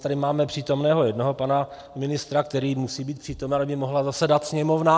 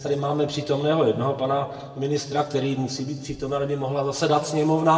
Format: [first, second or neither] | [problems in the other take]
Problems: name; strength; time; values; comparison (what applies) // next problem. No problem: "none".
first | room echo; dies away in 1.5 s